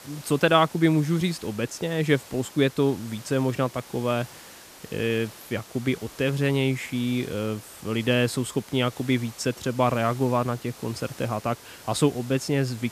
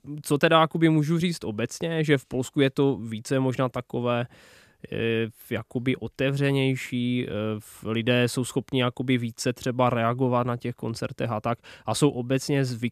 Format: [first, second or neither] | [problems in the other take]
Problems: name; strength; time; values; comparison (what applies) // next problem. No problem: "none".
second | hiss; noticeable; throughout; 20 dB below the speech